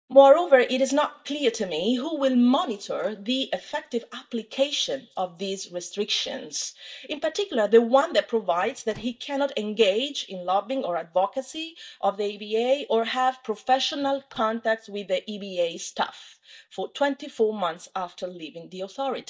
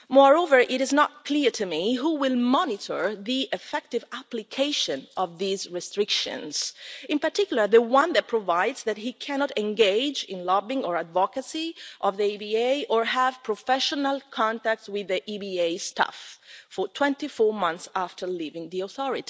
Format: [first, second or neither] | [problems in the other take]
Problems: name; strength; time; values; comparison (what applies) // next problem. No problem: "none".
second | noise reduction (neural mask model DeepFilterNet 3)